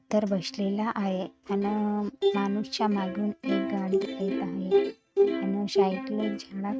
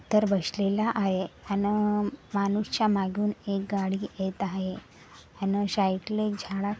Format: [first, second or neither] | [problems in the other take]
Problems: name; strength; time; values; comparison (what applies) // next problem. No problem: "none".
second | noise reduction (neural mask model RNNoise)